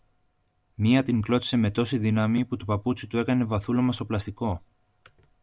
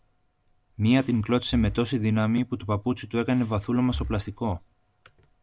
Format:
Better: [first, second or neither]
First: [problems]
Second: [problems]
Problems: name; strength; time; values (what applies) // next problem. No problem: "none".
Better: first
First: none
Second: background sound (Breathing); 14 dB below the speech